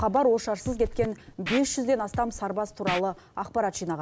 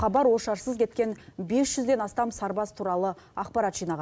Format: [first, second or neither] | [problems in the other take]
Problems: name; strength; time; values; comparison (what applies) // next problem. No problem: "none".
second | background sound (Scratching (performance technique)); 10 dB below the speech